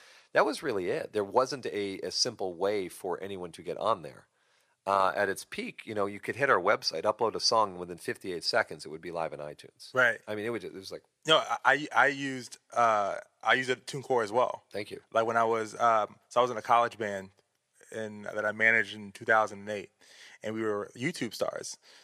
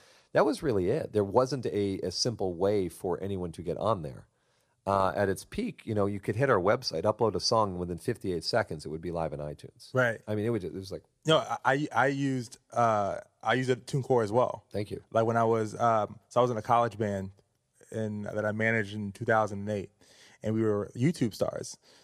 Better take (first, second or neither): second